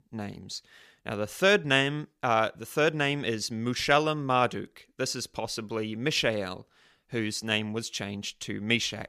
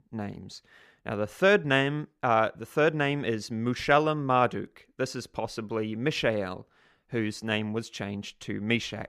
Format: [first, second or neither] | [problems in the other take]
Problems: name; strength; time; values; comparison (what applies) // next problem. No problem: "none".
first | muffled; slightly; fading above 2.5 kHz